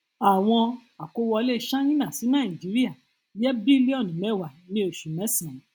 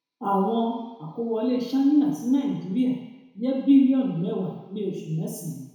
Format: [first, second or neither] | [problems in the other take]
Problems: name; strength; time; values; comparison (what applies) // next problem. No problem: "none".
first | room echo; dies away in 1 s